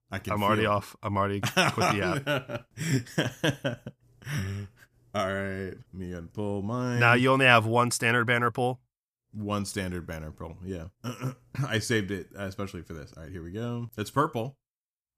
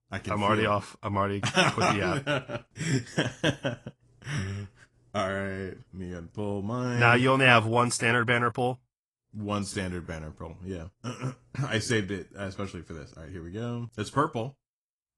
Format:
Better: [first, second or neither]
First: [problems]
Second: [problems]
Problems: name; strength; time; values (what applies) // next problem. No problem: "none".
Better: first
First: none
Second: garbled, watery; slightly; nothing above 10.5 kHz